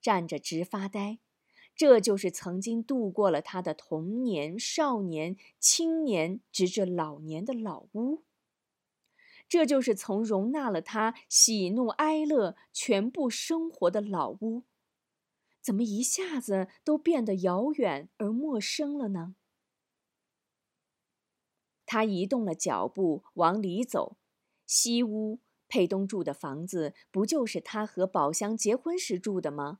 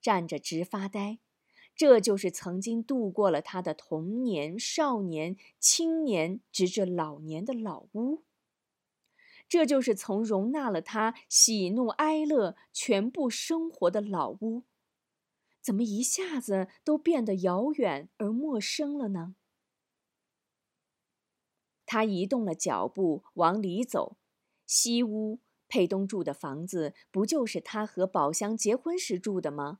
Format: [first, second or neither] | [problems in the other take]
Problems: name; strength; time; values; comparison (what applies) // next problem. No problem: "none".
neither | none